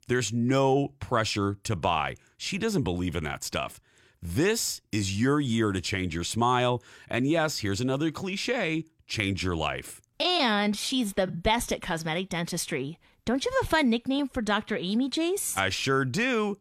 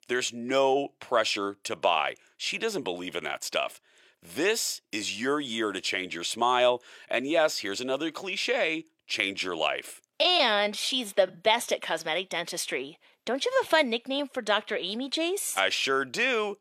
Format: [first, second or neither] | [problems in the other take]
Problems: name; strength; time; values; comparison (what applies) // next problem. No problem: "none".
first | thin; somewhat; fading below 400 Hz